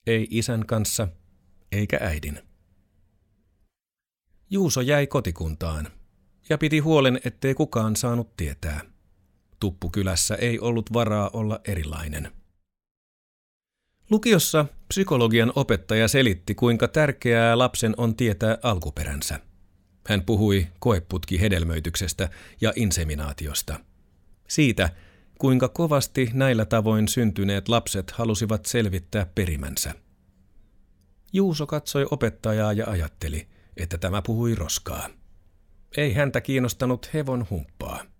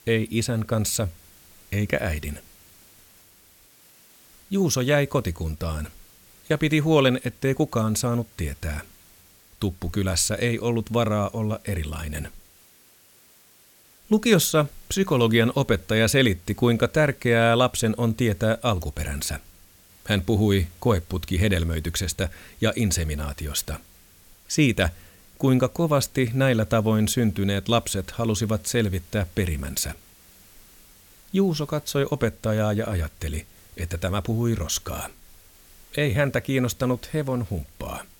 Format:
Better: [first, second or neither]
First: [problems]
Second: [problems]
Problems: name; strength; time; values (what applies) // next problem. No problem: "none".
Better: first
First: none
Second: hiss; faint; throughout; 25 dB below the speech